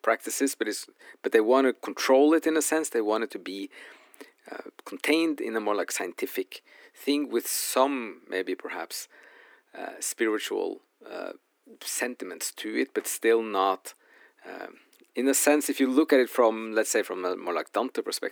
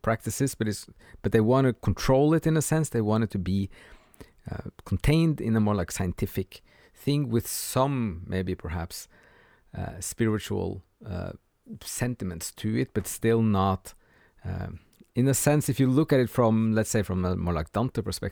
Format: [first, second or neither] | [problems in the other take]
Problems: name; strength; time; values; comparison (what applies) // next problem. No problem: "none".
second | thin; somewhat; fading below 250 Hz